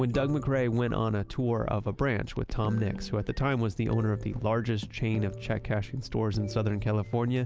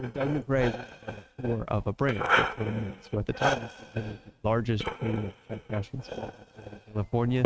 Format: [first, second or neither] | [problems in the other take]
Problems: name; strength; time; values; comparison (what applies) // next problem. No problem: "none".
first | noise reduction (neural mask model RNNoise)